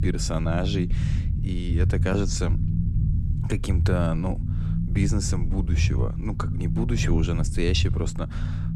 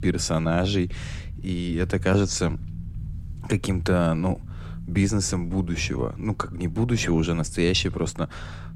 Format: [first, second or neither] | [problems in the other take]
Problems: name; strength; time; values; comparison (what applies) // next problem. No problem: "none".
second | low rumble; loud; throughout; 8 dB below the speech; faint in the second